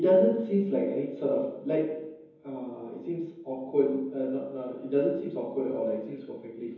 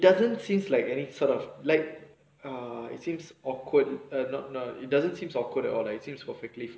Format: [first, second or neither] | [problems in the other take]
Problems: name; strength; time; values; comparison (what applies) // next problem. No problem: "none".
second | room echo; dies away in 0.9 s